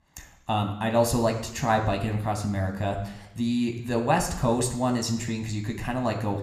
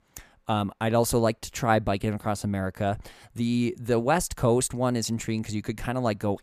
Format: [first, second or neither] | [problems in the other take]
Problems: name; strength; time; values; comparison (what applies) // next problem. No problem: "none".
second | room echo; slight; dies away in 0.8 s